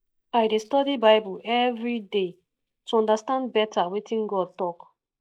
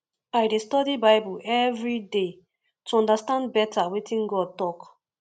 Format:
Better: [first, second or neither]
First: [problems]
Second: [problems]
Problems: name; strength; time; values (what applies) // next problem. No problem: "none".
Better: second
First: noise reduction (neural mask model DeepFilterNet 3)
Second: none